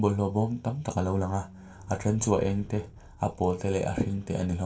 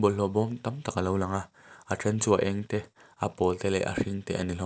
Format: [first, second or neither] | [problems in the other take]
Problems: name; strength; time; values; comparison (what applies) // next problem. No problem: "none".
second | background sound (Squeak); 19 dB below the speech // room echo; dies away in 0.2 s